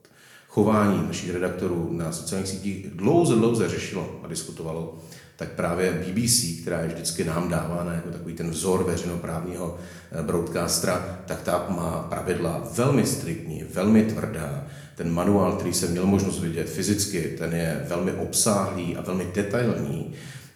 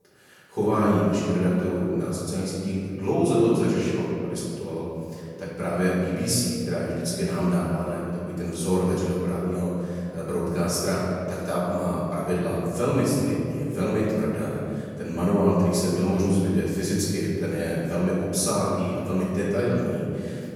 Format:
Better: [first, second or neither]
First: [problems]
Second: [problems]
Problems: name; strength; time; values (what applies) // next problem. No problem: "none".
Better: first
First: room echo; slight; dies away in 0.7 s // off-mic speech; somewhat distant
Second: room echo; strong; dies away in 2.6 s // off-mic speech; far